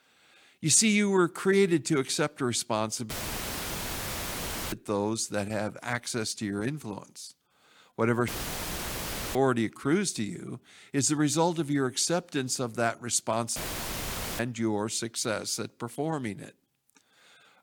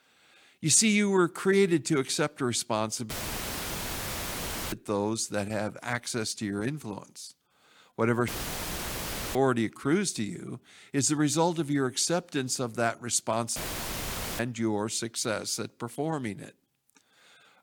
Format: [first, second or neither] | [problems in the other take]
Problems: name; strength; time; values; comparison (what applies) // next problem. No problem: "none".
neither | audio cutting out; filled with static; at 3 s for 1.5 s, at 8.5 s for 1 s and at 14 s for 1 s; the same in both